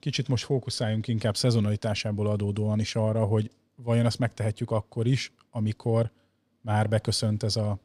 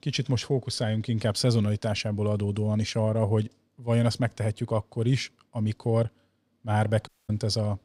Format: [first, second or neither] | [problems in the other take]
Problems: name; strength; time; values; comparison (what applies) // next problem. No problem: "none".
first | audio cutting out; at 7 s